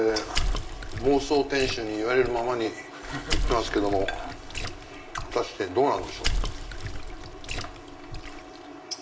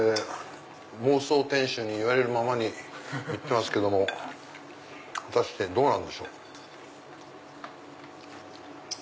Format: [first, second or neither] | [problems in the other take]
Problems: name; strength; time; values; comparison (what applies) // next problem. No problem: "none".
second | background sound (Water / Splash, splatter); 3 dB below the speech // room echo; dies away in 0.9 s